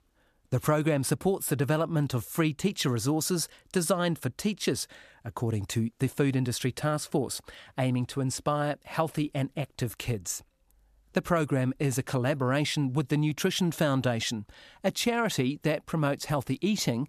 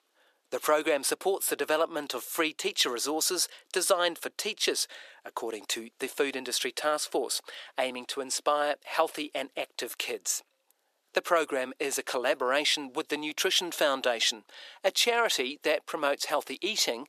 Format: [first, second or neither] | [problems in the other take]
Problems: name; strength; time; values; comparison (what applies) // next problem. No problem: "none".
first | thin; very; fading below 400 Hz